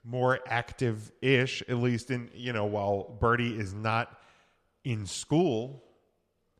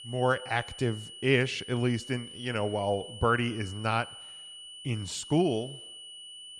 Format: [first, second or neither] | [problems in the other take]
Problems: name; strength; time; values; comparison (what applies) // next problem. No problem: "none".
first | high-pitched whine; noticeable; throughout; 3 kHz, 15 dB below the speech